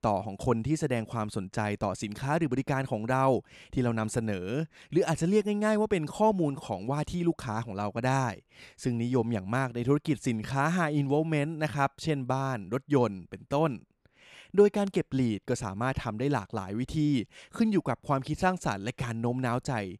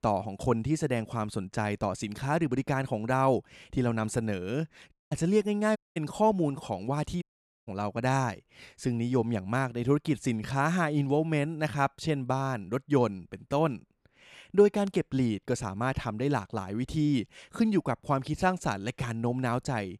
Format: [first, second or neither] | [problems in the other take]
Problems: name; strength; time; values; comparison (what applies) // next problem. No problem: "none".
first | audio cutting out; at 5 s, at 6 s and at 7 s